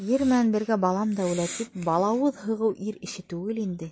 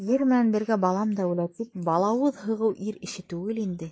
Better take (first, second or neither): first